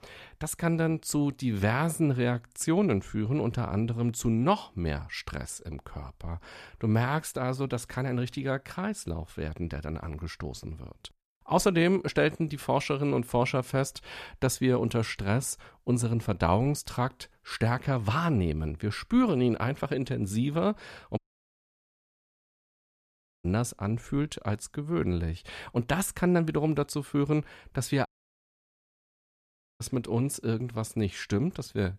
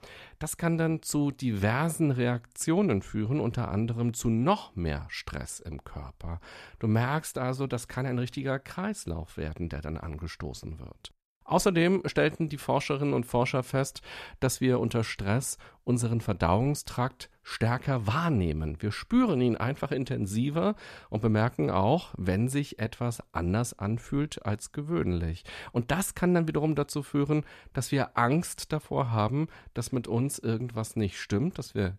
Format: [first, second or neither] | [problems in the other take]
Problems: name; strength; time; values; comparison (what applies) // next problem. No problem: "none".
second | audio cutting out; at 21 s for 2.5 s and at 28 s for 1.5 s